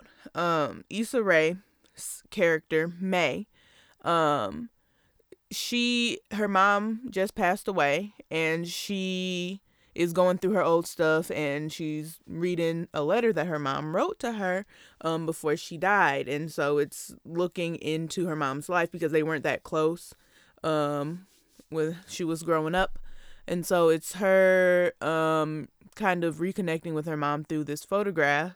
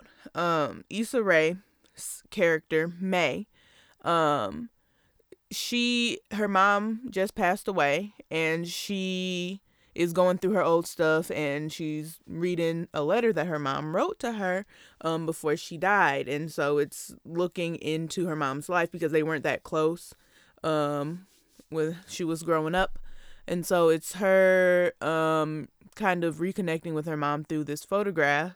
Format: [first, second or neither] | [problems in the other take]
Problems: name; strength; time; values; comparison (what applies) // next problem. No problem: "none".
neither | none